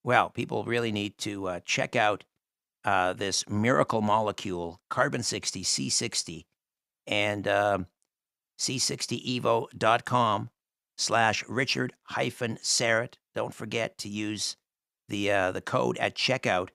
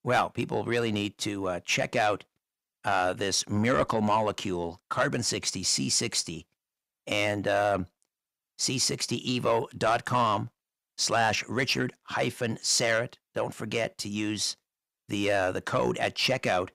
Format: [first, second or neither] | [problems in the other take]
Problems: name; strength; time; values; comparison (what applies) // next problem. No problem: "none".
first | distortion; slight; 10 dB below the speech